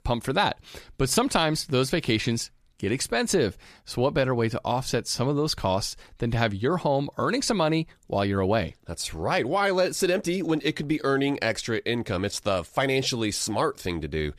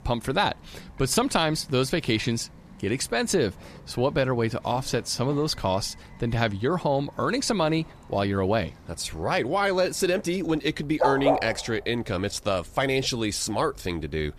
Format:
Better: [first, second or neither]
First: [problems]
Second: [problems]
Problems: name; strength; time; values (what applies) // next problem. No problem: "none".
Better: first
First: none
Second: animal sounds; loud; throughout; 7 dB below the speech